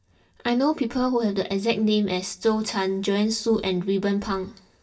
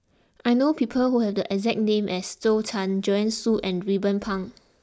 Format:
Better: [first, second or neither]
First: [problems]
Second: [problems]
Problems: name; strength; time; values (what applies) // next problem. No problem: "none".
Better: second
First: room echo; dies away in 0.2 s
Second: none